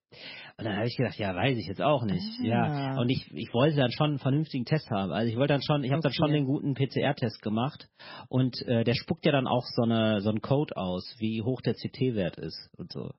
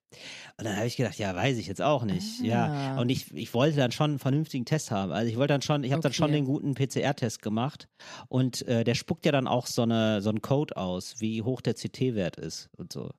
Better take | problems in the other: second | garbled, watery; badly; nothing above 5.5 kHz

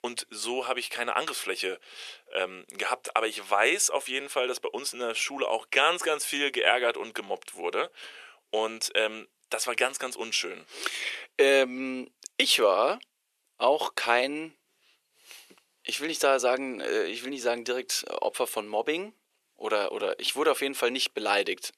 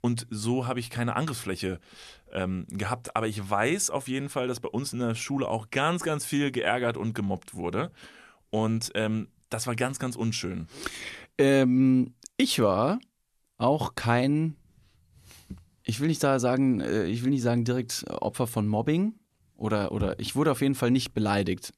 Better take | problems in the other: second | thin; very; fading below 400 Hz

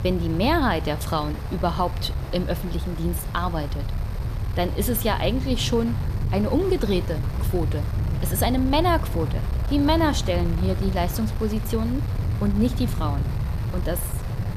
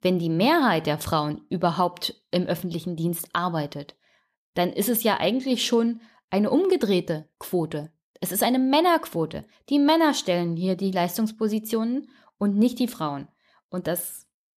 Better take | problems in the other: second | wind noise on the microphone; occasional gusts; 10 dB below the speech

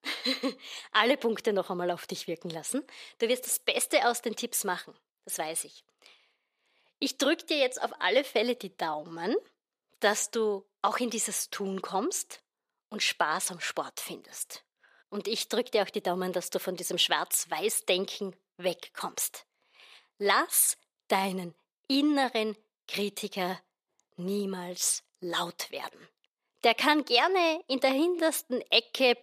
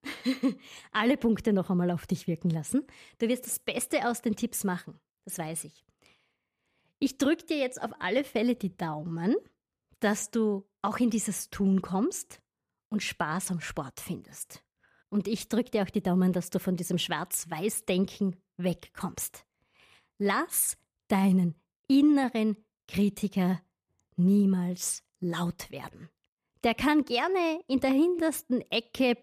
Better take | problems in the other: second | thin; somewhat; fading below 500 Hz

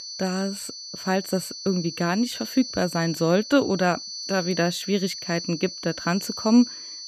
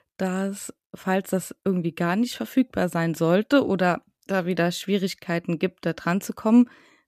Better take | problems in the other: second | high-pitched whine; loud; throughout; 4.5 kHz, 9 dB below the speech

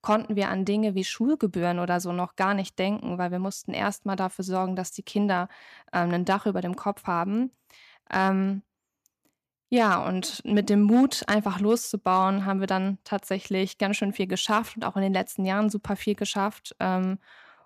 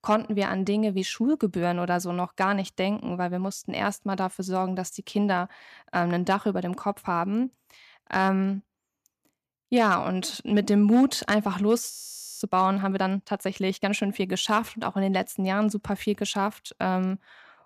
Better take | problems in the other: first | audio freezing; at 12 s for 0.5 s

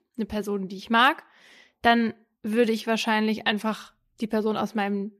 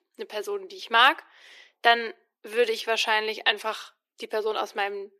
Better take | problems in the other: first | thin; very; fading below 350 Hz

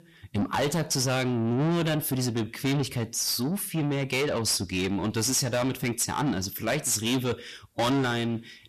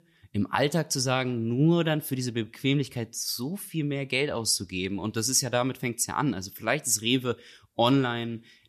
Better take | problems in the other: second | distortion; heavy; 6 dB below the speech

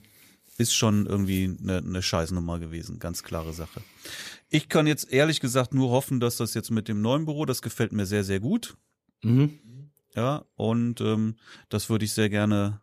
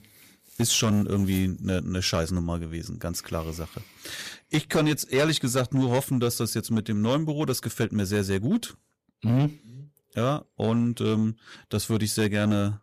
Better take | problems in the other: first | distortion; slight; 5% of the sound clipped

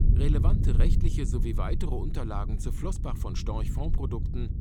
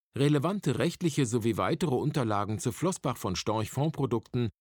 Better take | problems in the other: second | low rumble; loud; throughout; 5 dB below the speech

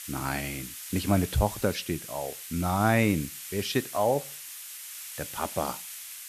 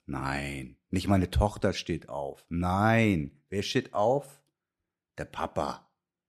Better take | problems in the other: second | hiss; loud; throughout; 9 dB below the speech

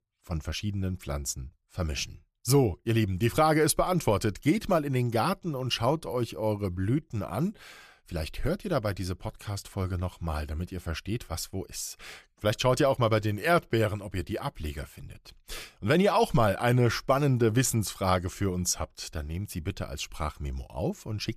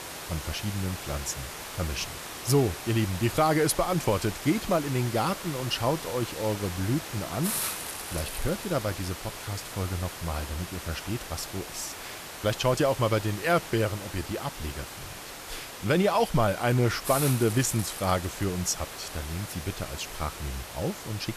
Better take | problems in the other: first | hiss; loud; throughout; 8 dB below the speech

